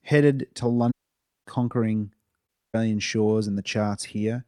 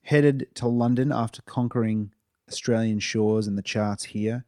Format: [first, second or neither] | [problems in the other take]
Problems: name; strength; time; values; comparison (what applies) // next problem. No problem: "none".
second | audio cutting out; at 1 s for 0.5 s and at 2.5 s